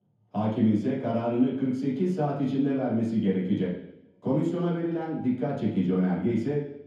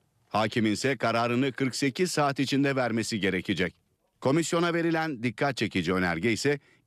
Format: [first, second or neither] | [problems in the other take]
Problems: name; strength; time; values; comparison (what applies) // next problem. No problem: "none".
second | room echo; noticeable; dies away in 0.9 s // off-mic speech; far